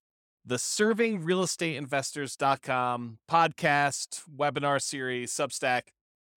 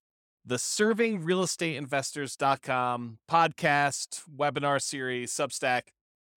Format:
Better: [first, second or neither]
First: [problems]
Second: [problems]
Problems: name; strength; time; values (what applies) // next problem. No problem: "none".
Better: neither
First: none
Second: none